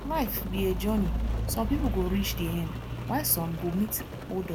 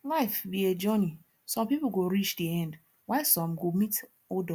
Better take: second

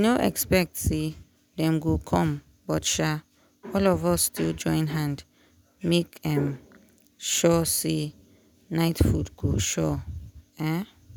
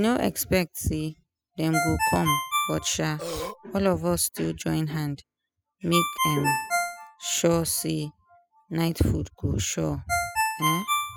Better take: first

